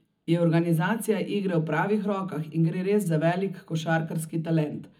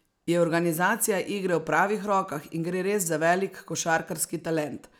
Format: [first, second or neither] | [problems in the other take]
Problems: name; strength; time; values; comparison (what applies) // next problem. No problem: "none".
second | room echo; dies away in 0.4 s